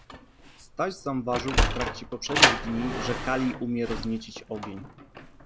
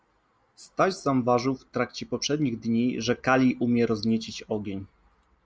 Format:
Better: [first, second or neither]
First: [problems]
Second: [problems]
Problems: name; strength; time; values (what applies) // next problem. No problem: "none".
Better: second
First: background sound (Sliding door); 2 dB above the speech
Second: none